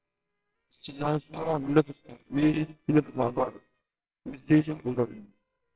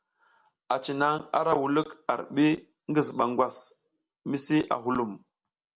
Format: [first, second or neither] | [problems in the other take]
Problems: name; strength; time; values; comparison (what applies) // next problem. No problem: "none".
second | noise reduction (neural separator model SepFormer WHAMR!)